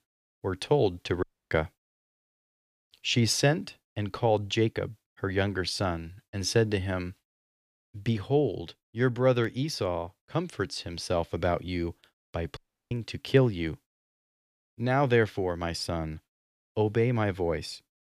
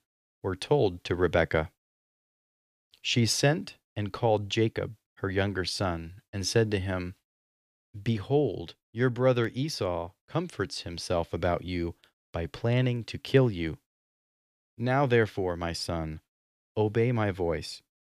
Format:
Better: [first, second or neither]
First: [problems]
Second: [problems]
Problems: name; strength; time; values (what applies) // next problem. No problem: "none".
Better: second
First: audio cutting out; at 1 s and at 13 s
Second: none